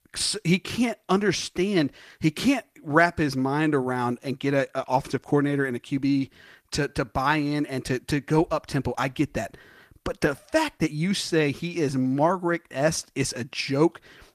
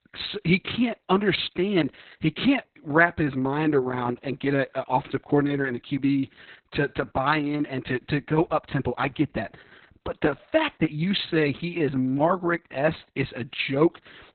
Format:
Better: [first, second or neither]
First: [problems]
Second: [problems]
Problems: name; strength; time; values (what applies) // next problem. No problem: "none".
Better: first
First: garbled, watery; slightly; nothing above 14.5 kHz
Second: garbled, watery; badly; nothing above 4 kHz